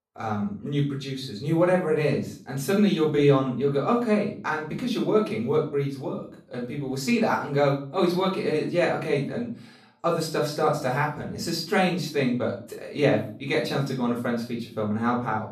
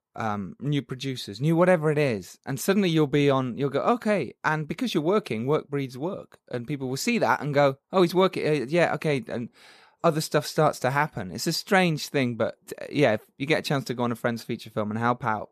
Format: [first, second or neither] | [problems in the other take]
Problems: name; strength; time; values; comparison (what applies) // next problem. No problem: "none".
second | off-mic speech; far // room echo; slight; dies away in 0.4 s